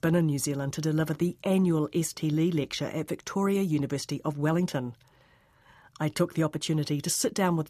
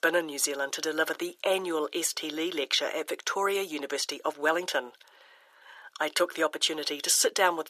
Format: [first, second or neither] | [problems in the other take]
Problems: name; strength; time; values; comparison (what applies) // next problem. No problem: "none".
first | thin; very; fading below 450 Hz